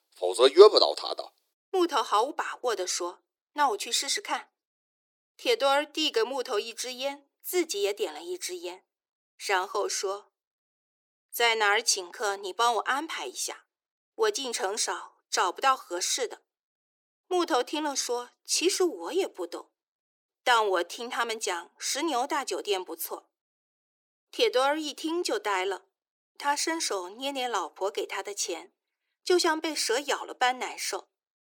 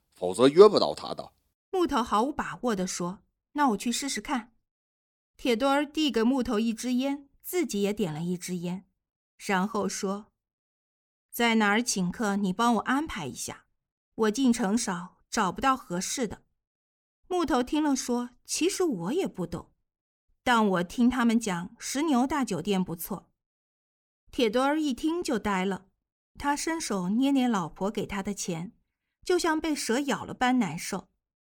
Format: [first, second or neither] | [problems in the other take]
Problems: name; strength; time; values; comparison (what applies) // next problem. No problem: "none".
second | thin; very; fading below 350 Hz